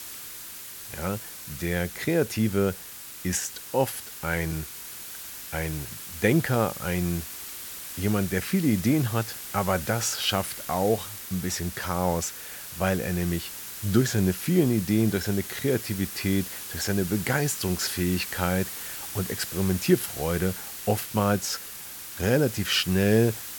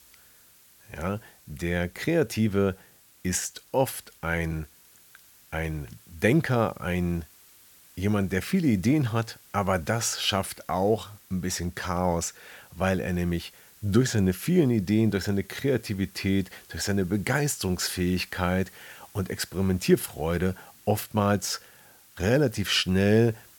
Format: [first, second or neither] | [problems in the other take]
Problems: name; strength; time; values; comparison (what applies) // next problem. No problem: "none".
second | hiss; loud; throughout; 9 dB below the speech; faint in the second